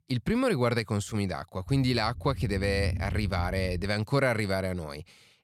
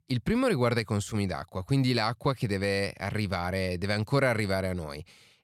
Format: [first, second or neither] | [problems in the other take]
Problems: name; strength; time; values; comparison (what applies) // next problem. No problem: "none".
second | low rumble; faint; from 1.5 to 4 s; 20 dB below the speech